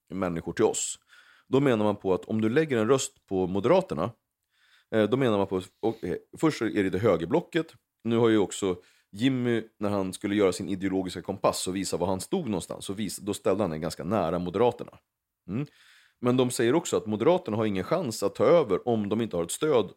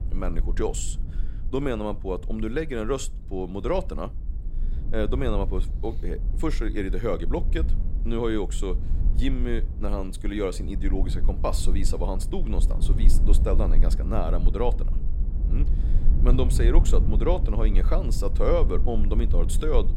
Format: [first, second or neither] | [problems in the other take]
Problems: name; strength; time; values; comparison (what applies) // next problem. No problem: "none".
first | low rumble; noticeable; throughout; 15 dB below the speech